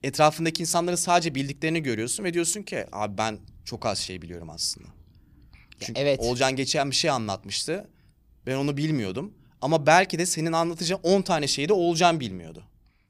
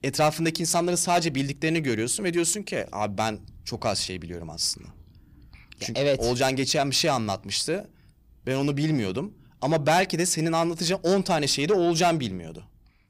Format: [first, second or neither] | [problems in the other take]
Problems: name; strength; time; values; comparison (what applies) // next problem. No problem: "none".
first | distortion; slight; 10 dB below the speech